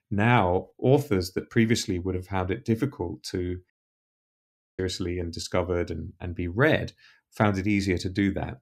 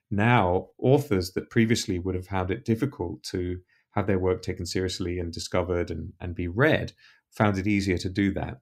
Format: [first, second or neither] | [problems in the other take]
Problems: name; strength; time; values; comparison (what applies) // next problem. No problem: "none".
second | audio cutting out; at 3.5 s for 1 s